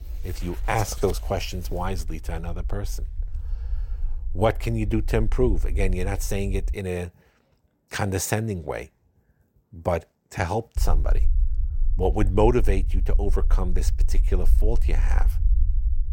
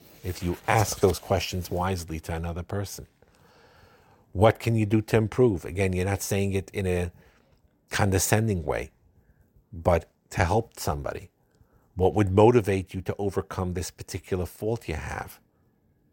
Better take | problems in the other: second | low rumble; faint; until 6.5 s and from 11 s on; 20 dB below the speech

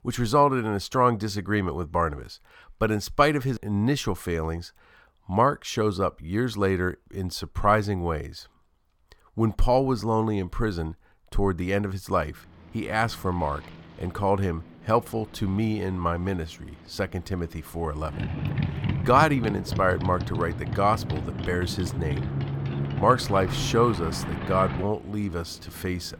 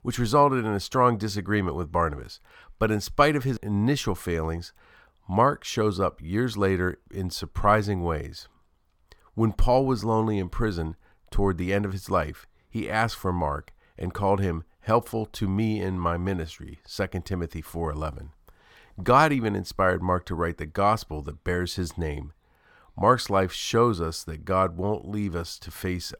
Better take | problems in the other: second | traffic noise; loud; from 13 s on; 5 dB below the speech

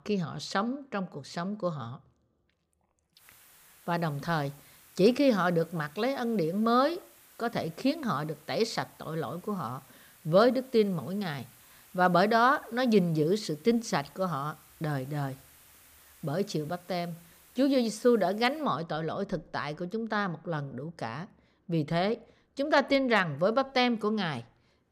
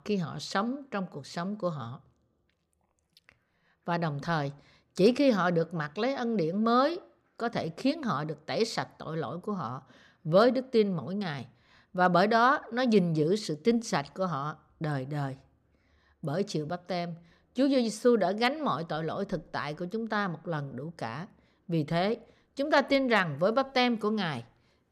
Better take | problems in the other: second | hiss; faint; from 3 to 19 s; 25 dB below the speech

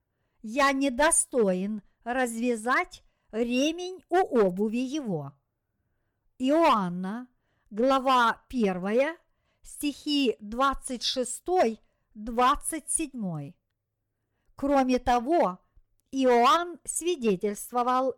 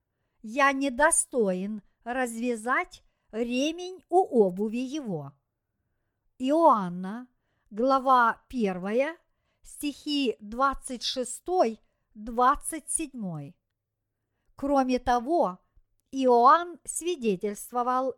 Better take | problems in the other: second | distortion; slight; 4% of the sound clipped

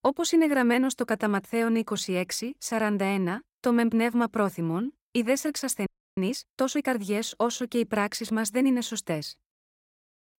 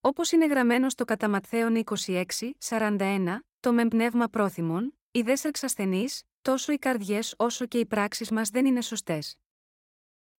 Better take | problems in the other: second | audio freezing; at 6 s

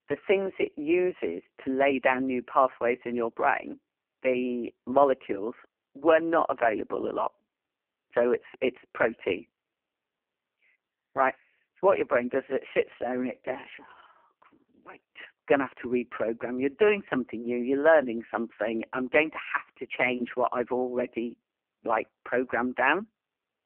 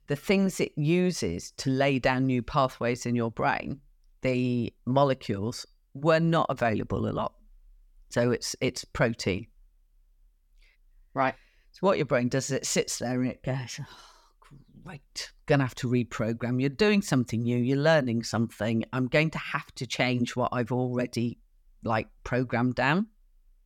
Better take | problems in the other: second | phone-call audio; poor line; nothing above 3 kHz

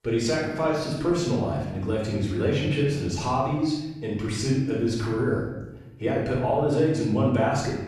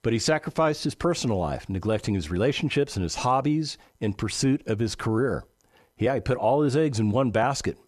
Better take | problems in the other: second | off-mic speech; far // room echo; noticeable; dies away in 1 s

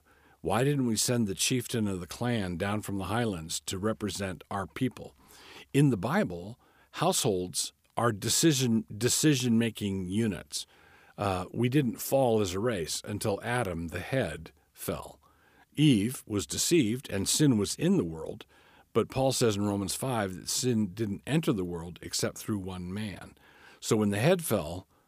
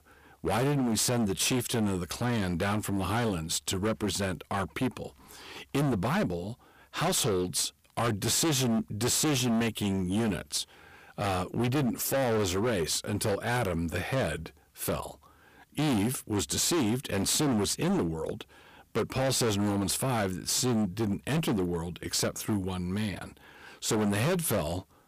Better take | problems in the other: first | distortion; heavy; 20% of the sound clipped

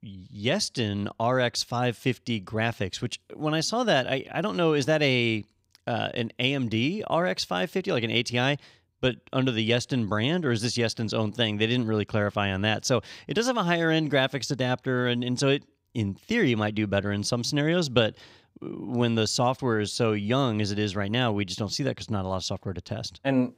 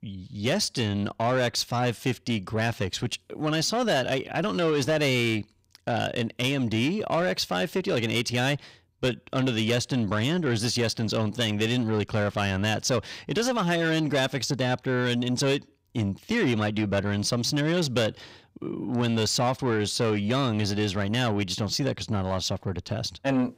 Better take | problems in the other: first | distortion; slight; 10 dB below the speech

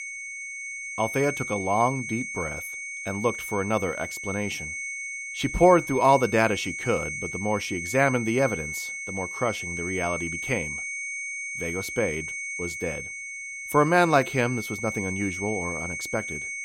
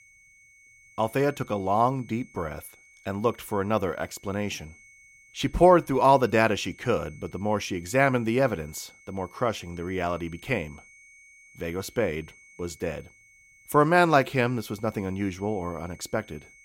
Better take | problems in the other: second | high-pitched whine; loud; throughout; 2 kHz, 6 dB below the speech; faint in the second

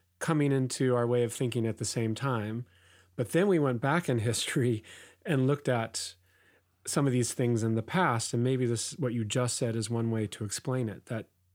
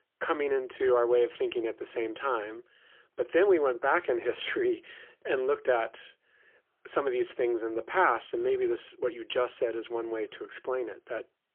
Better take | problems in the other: first | phone-call audio; poor line; nothing above 3.5 kHz

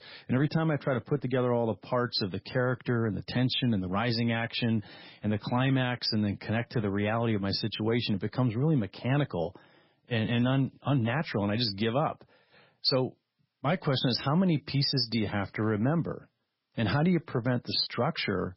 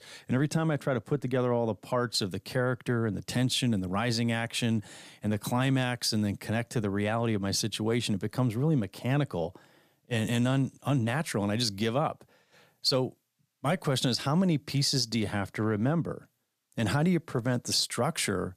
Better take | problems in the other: second | garbled, watery; badly; nothing above 5.5 kHz

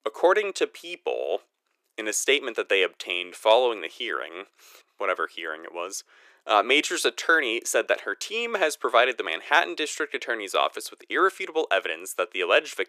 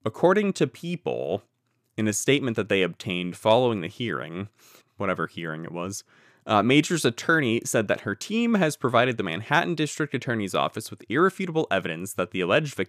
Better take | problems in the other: second | thin; very; fading below 400 Hz

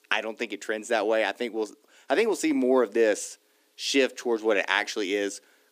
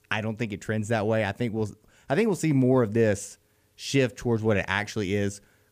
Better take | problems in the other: second | thin; somewhat; fading below 300 Hz

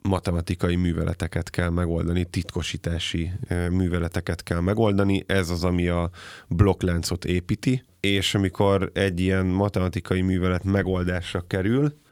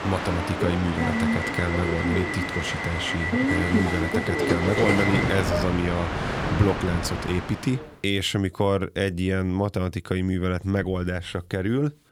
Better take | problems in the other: first | train or aircraft noise; very loud; until 7.5 s; as loud as the speech

